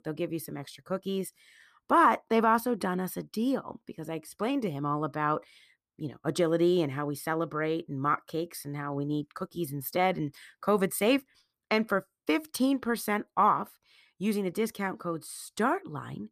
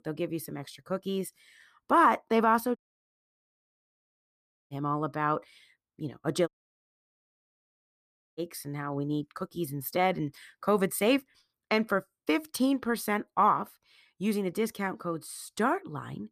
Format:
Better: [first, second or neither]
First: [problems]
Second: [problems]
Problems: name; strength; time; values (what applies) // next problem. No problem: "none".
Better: first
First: none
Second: audio cutting out; at 3 s for 2 s and at 6.5 s for 2 s